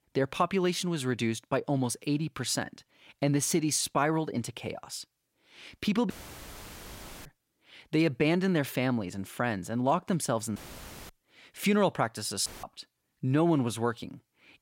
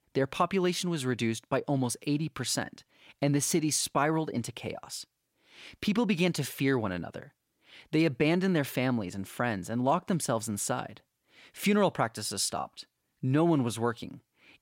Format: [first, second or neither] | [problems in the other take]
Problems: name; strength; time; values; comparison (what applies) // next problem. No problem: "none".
second | audio cutting out; filled with static; at 6 s for 1 s, at 11 s for 0.5 s and at 12 s